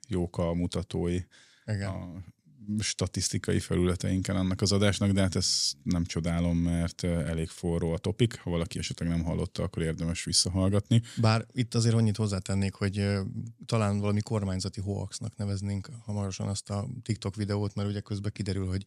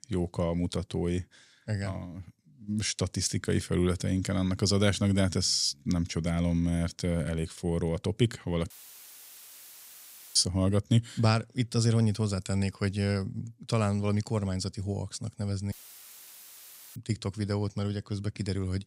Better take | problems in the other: first | audio cutting out; filled with static; at 8.5 s for 1.5 s and at 16 s for 1 s

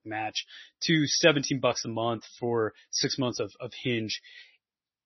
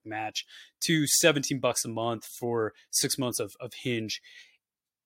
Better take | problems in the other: second | garbled, watery; slightly; nothing above 6 kHz

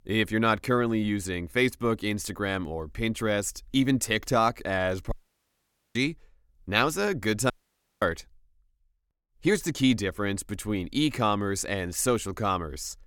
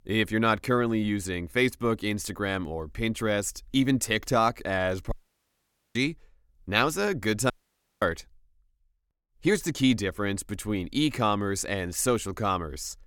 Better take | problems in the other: neither | audio cutting out; at 5 s for 1 s and at 7.5 s for 0.5 s; the same in both

